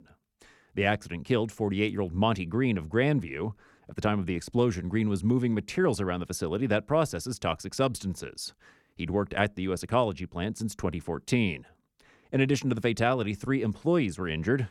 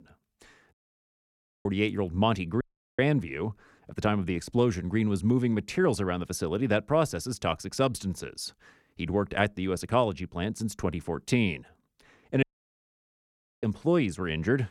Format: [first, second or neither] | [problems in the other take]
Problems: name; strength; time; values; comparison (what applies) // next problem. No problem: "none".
first | audio cutting out; at 0.5 s for 1 s, at 2.5 s and at 12 s for 1 s